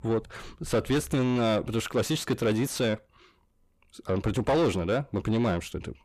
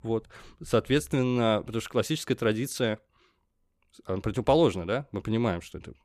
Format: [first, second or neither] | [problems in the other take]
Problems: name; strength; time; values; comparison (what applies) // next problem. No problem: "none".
second | distortion; heavy; 8 dB below the speech